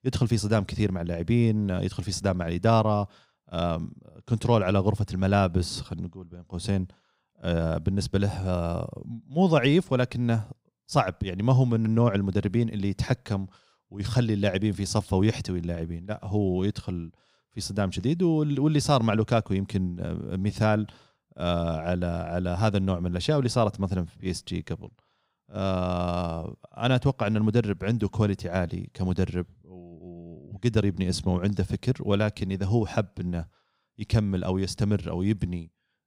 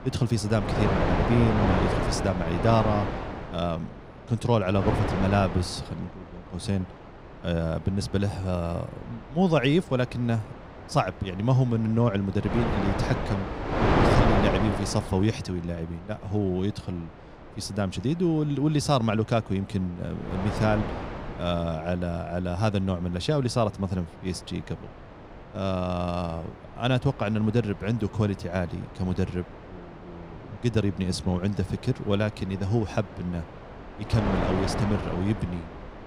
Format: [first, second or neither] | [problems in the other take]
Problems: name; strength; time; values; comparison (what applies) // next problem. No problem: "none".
first | wind noise on the microphone; heavy; as loud as the speech